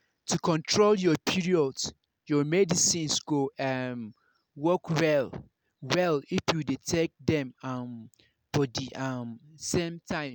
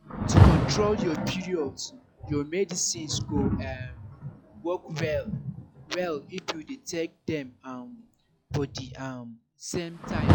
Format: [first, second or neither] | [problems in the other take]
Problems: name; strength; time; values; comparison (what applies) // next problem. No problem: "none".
first | noise reduction (classical method log-MMSE)